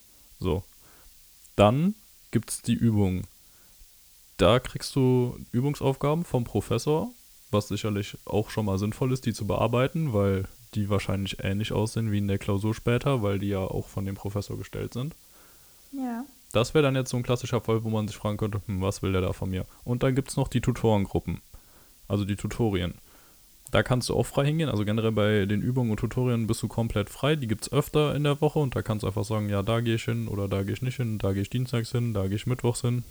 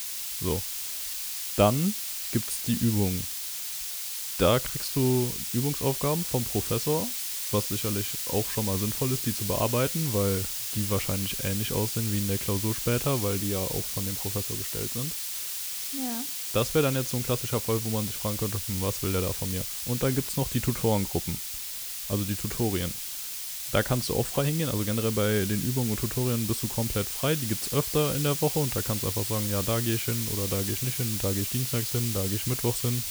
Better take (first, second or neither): first